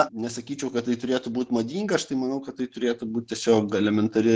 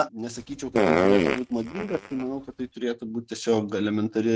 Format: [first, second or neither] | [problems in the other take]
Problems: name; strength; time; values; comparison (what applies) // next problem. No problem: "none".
first | noise reduction (neural mask model RNNoise)